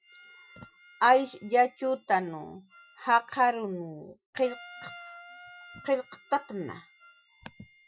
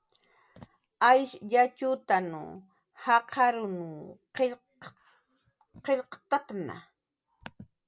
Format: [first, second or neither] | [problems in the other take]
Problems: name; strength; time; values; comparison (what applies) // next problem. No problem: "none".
second | noise reduction (classical method Wiener filter)